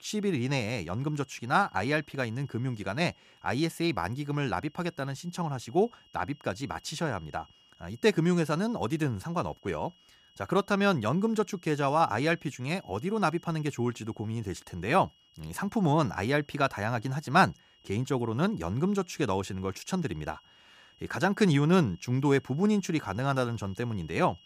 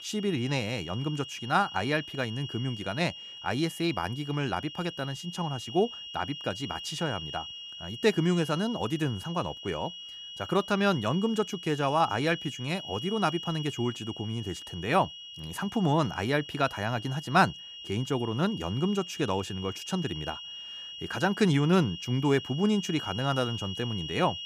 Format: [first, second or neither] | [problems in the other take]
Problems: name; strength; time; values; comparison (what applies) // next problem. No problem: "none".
first | high-pitched whine; loud; throughout; 3 kHz, 10 dB below the speech; faint in the first